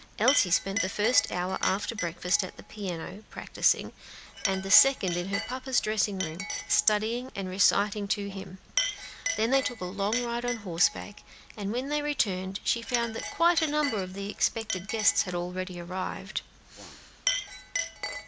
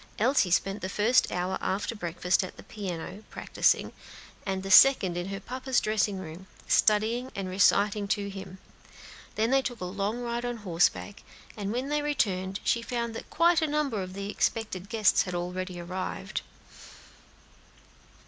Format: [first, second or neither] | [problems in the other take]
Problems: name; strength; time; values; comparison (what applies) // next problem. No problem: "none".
second | background sound (Chink, clink); 8 dB below the speech